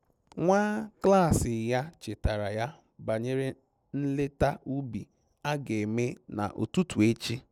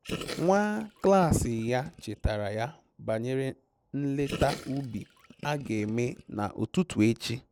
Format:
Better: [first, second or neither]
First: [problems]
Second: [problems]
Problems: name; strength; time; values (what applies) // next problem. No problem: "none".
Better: first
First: none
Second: background sound (Gurgling); 14 dB below the speech